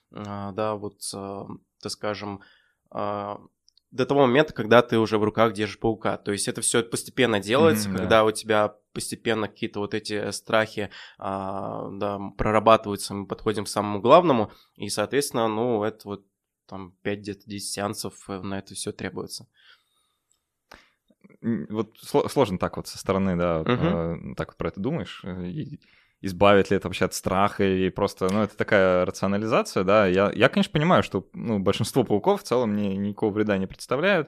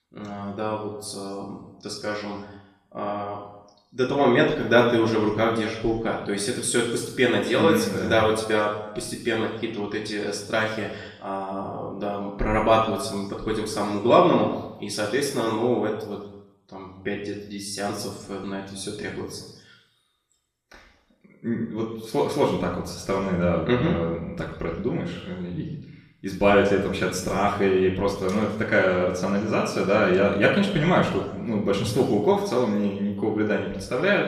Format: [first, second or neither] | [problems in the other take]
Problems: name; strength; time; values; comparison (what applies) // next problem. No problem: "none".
first | room echo; noticeable; dies away in 0.8 s // off-mic speech; far